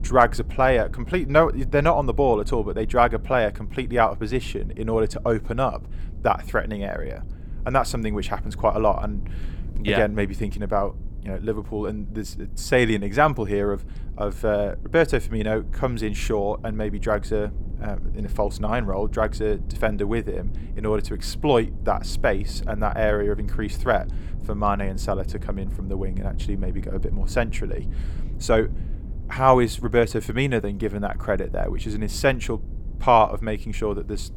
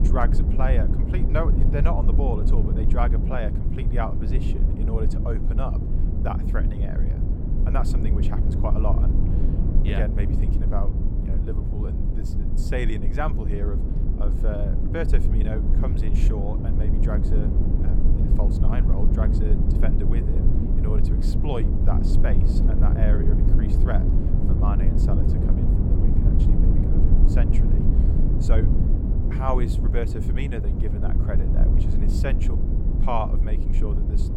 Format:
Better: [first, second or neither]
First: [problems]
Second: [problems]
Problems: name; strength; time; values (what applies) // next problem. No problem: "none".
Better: first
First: low rumble; faint; throughout; 25 dB below the speech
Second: low rumble; loud; throughout; 3 dB below the speech